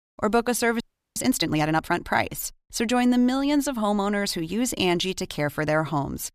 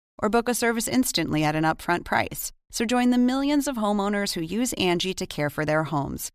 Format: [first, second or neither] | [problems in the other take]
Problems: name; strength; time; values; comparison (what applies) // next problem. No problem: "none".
second | audio freezing; at 1 s